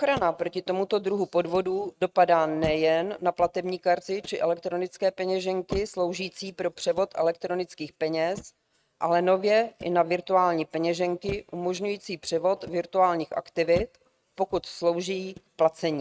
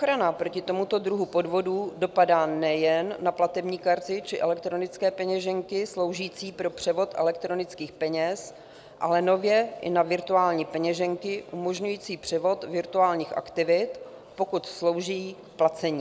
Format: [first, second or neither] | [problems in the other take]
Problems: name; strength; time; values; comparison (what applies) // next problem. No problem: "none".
second | noise reduction (neural mask model RNNoise)